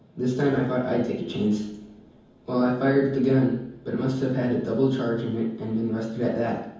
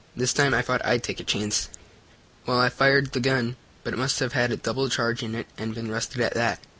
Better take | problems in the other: second | room echo; dies away in 0.9 s

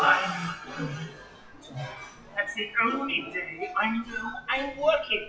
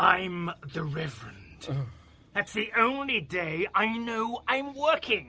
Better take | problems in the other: second | noise reduction (classical method WPE with log-MMSE)

